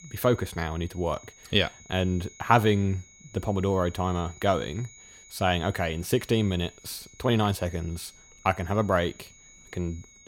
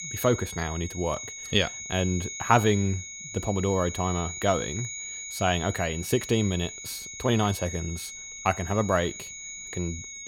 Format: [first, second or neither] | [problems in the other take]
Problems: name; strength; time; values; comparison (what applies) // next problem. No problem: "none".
first | high-pitched whine; loud; throughout; 6.5 kHz, 8 dB below the speech; faint in the first